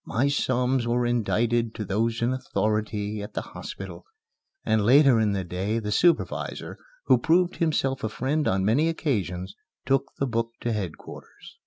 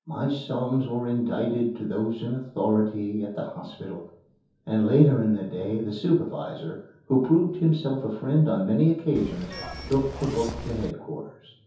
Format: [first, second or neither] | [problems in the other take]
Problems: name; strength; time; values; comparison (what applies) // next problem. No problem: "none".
first | background sound (Zipper (clothing) / Telephone); 11 dB below the speech // room echo; dies away in 0.6 s